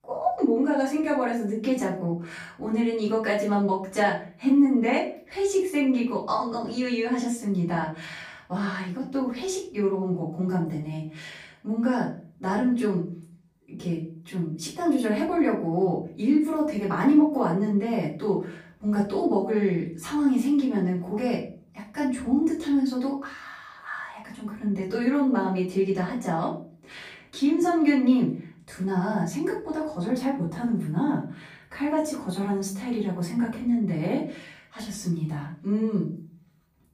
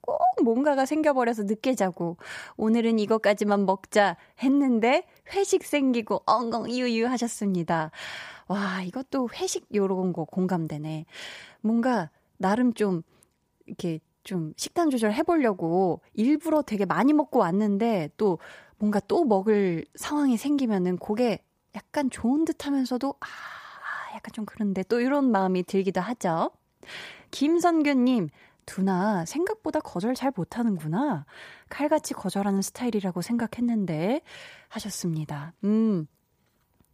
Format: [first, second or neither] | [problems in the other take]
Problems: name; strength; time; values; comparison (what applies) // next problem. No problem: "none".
second | off-mic speech; far // room echo; slight; dies away in 0.4 s